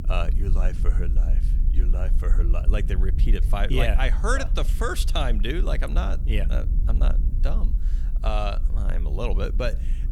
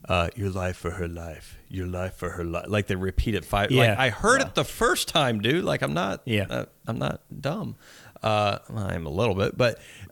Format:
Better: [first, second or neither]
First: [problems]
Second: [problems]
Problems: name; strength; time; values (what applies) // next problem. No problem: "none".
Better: second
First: low rumble; noticeable; throughout; 15 dB below the speech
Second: none